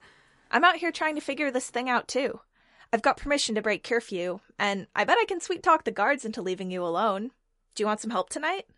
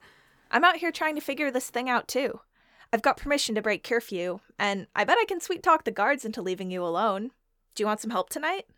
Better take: second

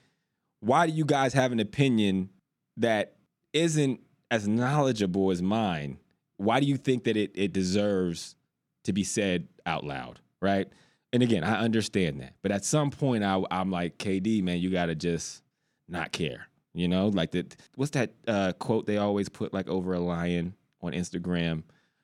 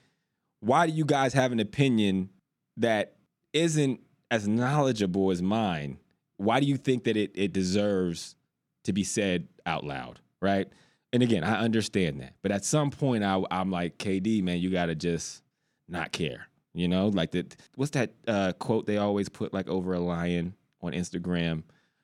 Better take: neither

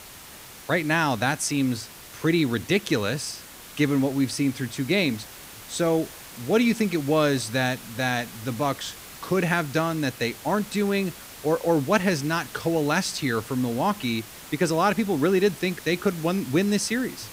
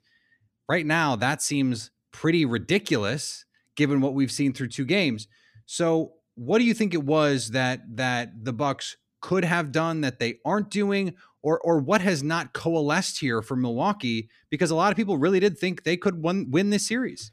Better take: second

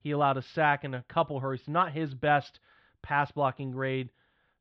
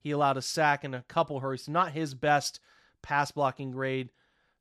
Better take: second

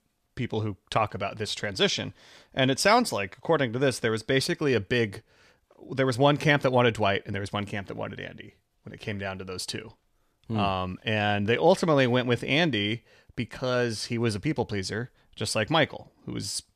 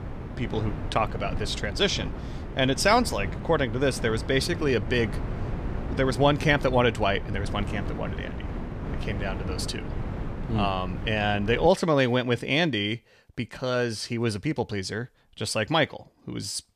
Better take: first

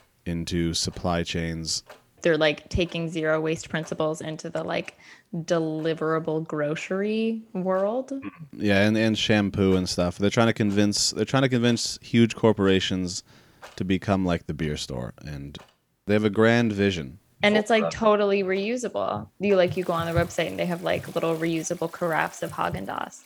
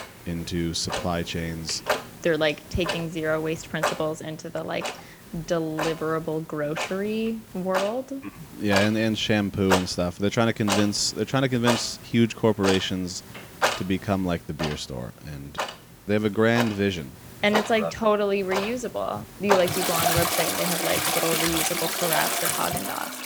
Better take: first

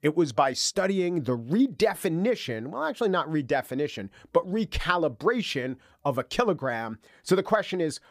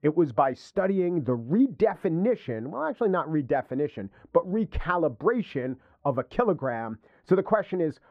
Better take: first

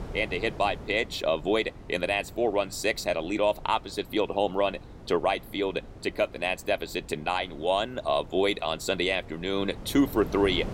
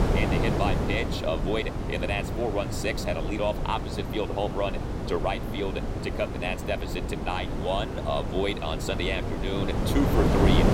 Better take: first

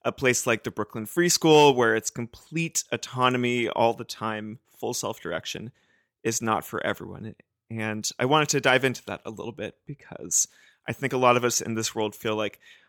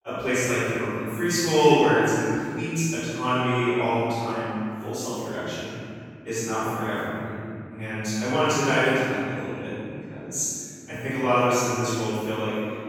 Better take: first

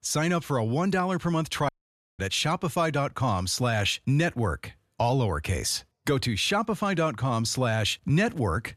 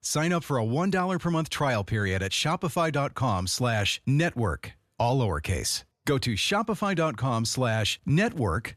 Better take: second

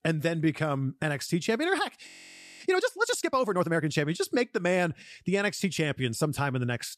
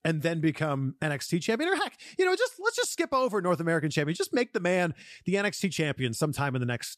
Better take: second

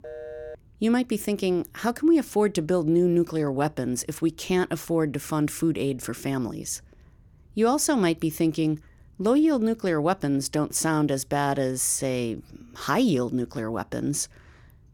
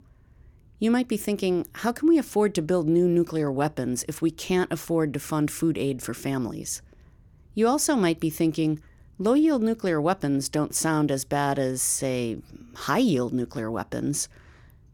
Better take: second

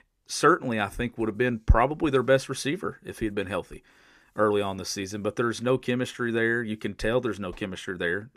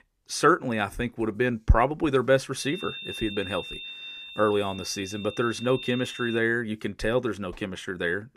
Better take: first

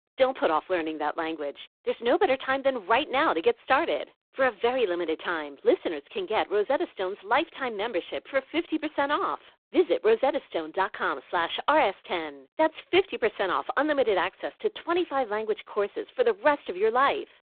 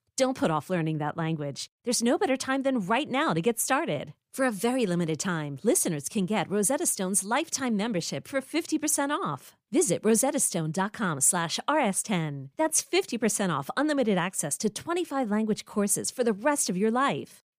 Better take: second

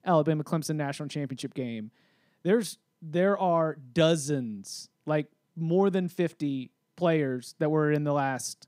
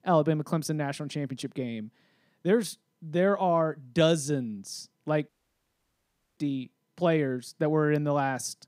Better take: first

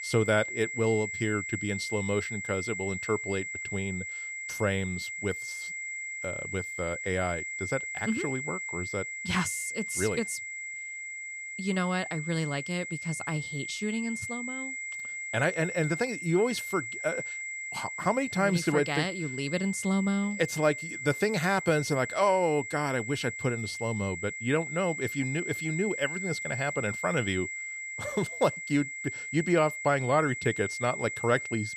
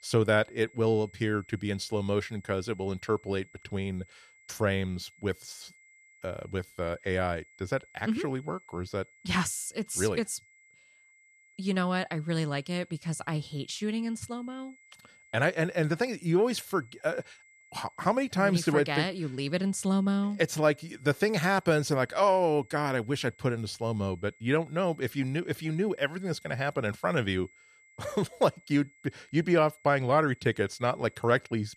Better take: second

